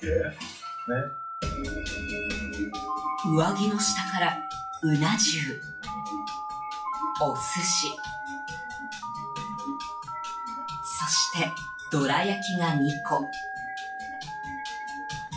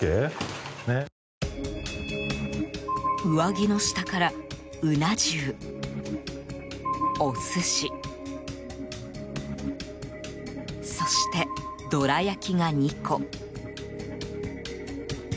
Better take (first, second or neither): second